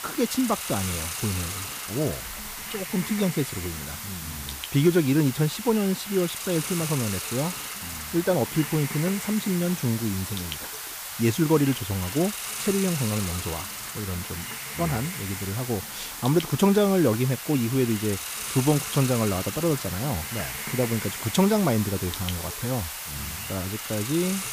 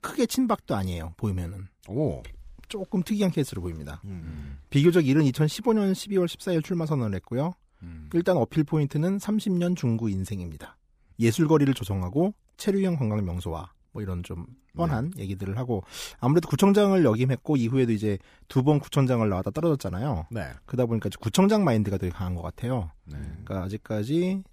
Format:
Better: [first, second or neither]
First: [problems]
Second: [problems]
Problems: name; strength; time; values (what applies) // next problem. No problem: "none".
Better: second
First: hiss; loud; throughout; 6 dB below the speech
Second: none